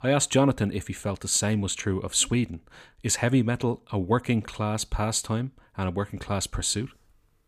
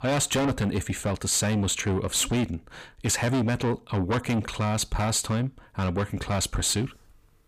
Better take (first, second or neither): first